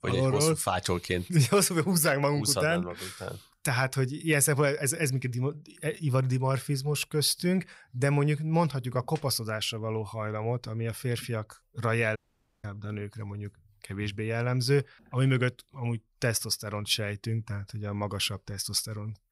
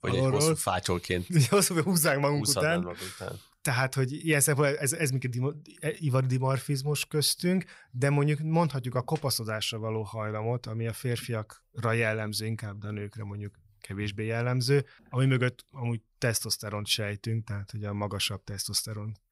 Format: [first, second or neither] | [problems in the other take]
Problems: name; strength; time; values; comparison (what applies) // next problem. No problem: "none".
second | audio cutting out; at 12 s